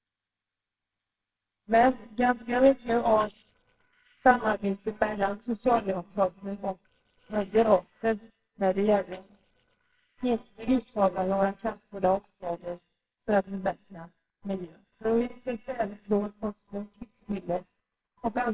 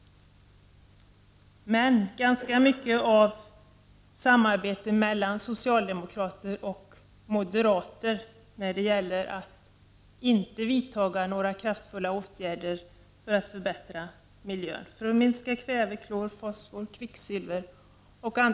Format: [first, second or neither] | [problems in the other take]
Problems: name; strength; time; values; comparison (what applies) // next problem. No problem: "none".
second | noise reduction (neural separator model SepFormer WHAMR!)